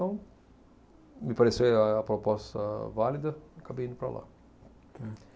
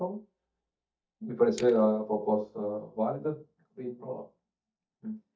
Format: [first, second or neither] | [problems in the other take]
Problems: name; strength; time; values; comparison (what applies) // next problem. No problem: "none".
first | noise reduction (neural mask model DeepFilterNet 3)